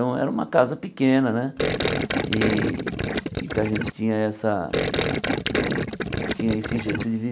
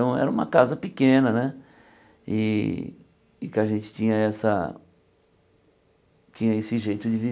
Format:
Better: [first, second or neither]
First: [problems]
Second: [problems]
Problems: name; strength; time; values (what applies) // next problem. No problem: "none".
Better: second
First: background sound (Gurgling); as loud as the speech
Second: none